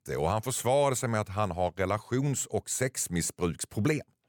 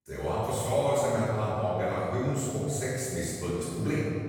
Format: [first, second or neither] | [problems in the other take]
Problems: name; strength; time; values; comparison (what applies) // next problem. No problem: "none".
first | room echo; strong; dies away in 2.4 s // off-mic speech; far